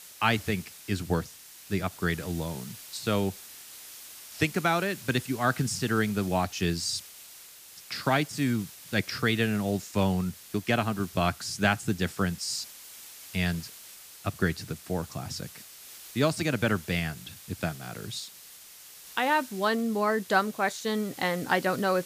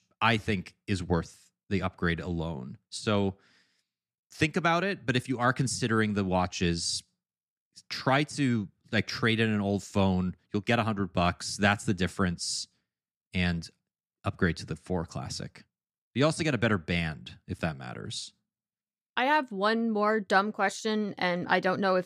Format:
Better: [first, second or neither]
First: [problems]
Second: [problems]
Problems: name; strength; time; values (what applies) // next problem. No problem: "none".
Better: second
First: hiss; noticeable; throughout; 15 dB below the speech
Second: none